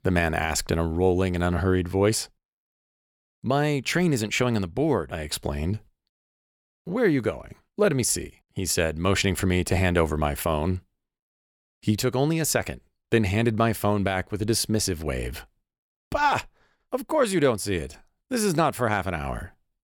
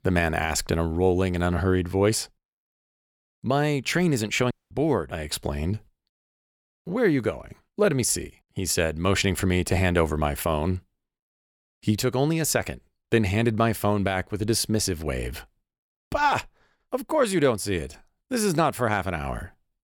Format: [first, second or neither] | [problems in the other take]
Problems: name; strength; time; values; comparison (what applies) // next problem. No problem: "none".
first | audio cutting out; at 4.5 s